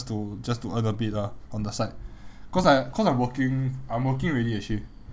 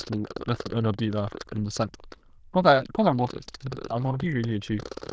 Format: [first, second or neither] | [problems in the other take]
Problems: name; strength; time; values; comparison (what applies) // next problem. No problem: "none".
first | noise reduction (neural diffusion model UNIVERSE++)